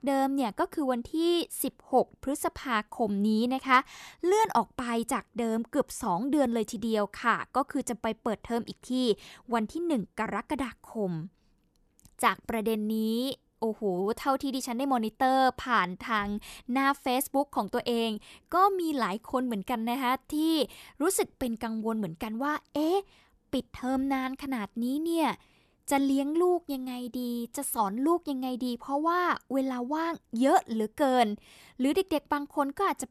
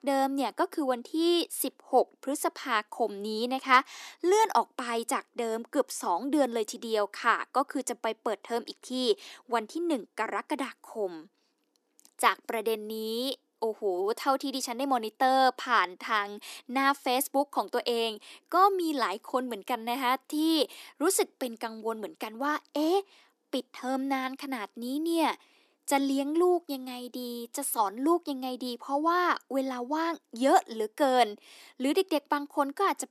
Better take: first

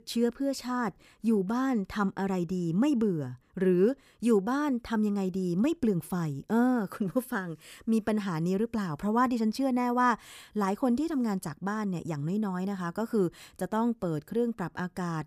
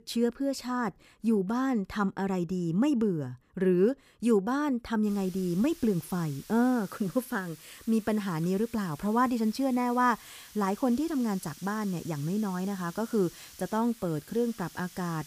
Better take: first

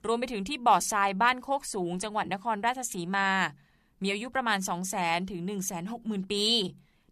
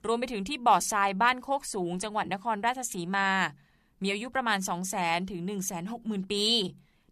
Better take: neither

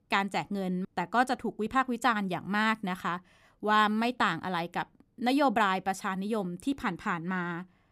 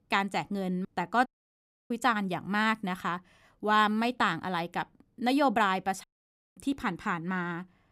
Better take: first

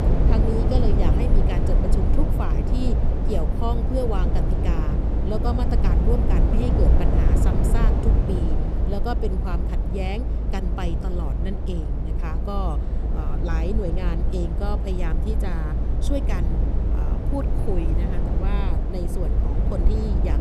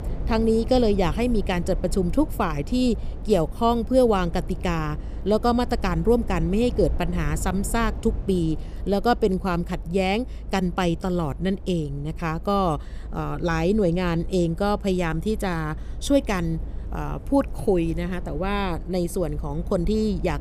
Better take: second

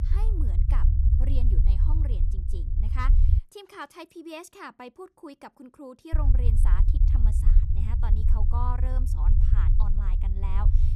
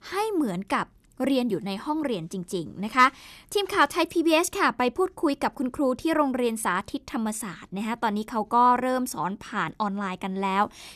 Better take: second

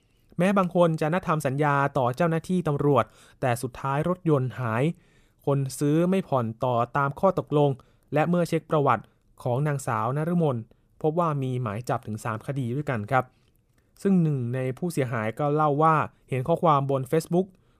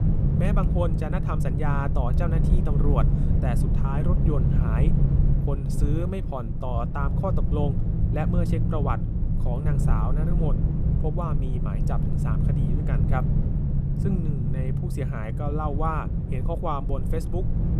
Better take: first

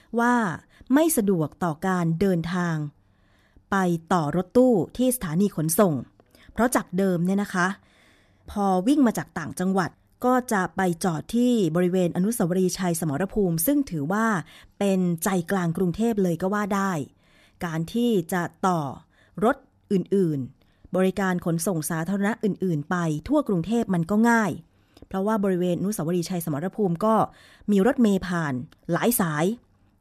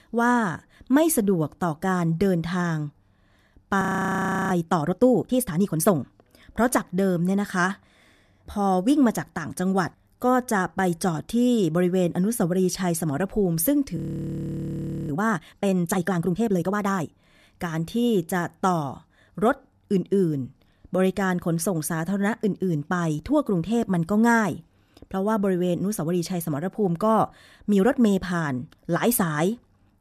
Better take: first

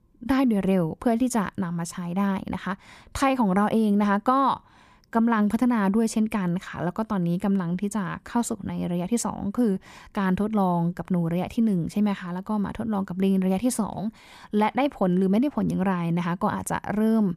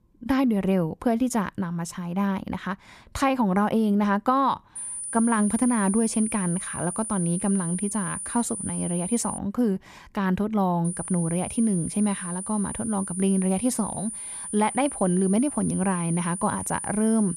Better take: first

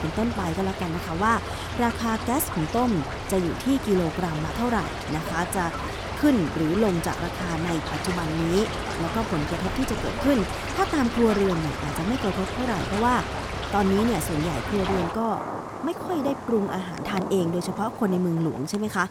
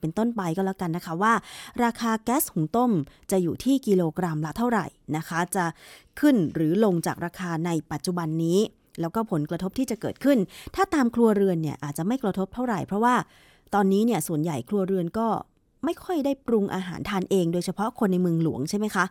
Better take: second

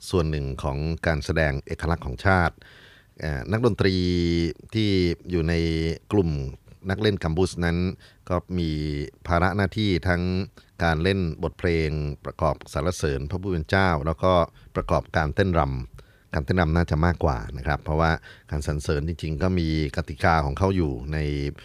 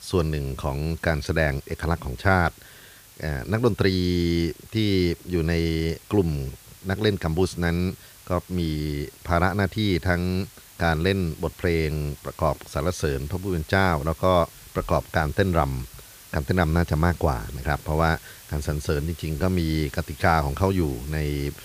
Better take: first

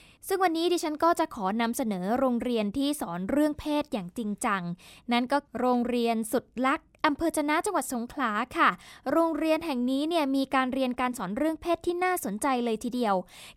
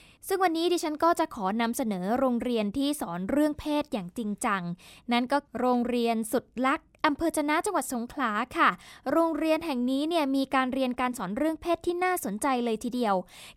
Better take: neither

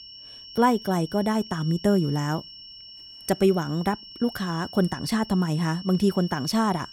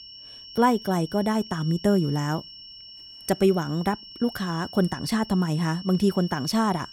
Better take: neither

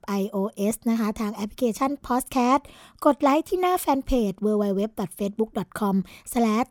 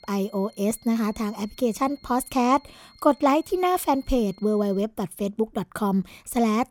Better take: first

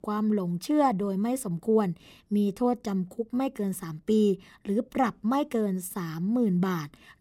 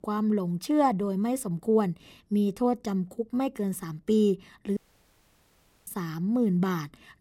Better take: first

